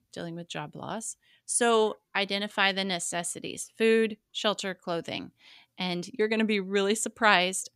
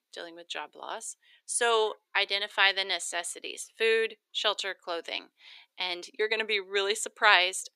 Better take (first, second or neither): first